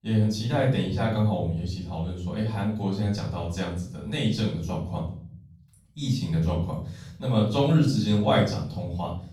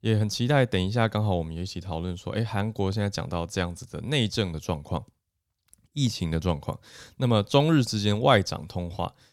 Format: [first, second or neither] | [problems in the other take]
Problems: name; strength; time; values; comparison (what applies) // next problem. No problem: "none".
second | off-mic speech; far // room echo; noticeable; dies away in 0.6 s